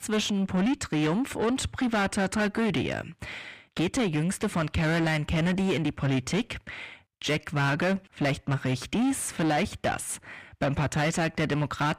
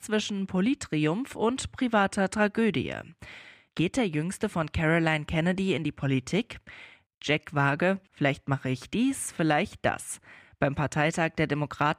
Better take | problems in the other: second | distortion; heavy; 7 dB below the speech

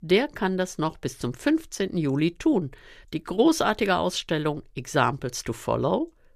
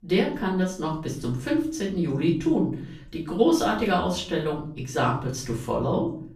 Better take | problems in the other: first | off-mic speech; far // room echo; slight; dies away in 0.6 s

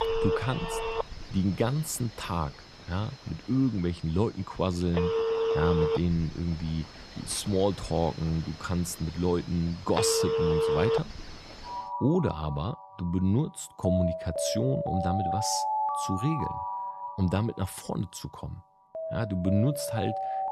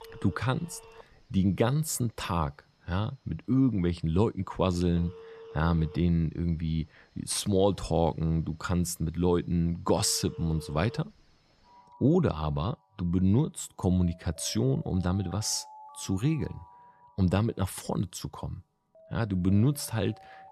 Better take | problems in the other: second | alarms or sirens; loud; throughout; 1 dB below the speech; faint in the second

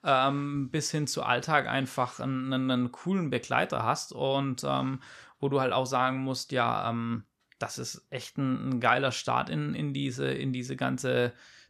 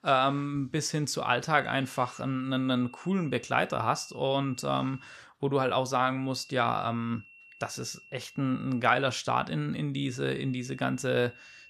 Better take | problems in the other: first | high-pitched whine; faint; from 1.5 to 5 s, from 6 to 9 s and from 10 s on; 2.5 kHz, 20 dB below the speech

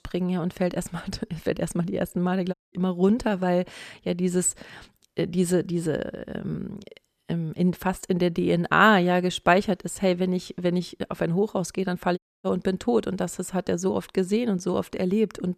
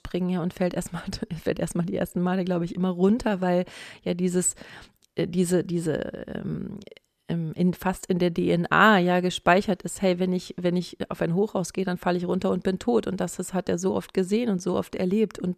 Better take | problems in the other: second | audio cutting out; at 2.5 s and at 12 s

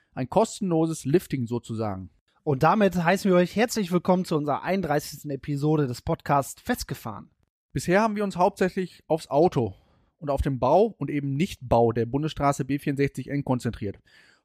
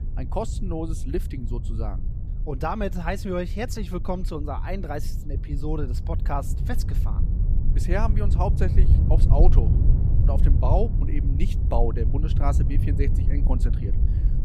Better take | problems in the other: first | low rumble; loud; throughout; 9 dB below the speech

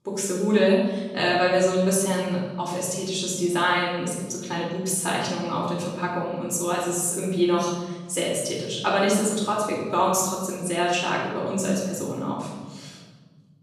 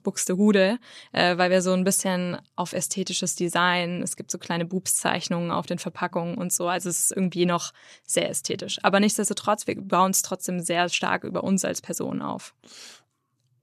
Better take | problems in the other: second | room echo; noticeable; dies away in 1.6 s // off-mic speech; far

